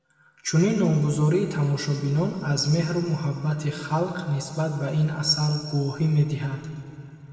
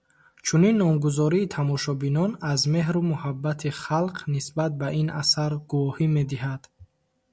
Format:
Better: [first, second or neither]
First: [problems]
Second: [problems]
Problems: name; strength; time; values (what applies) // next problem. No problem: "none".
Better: second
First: room echo; dies away in 2.5 s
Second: none